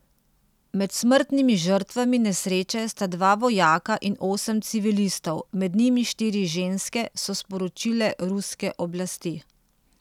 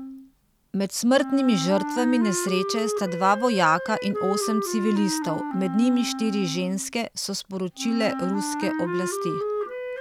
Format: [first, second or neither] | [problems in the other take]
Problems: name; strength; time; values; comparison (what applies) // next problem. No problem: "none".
first | background sound (Wind instrument, woodwind instrument); 5 dB below the speech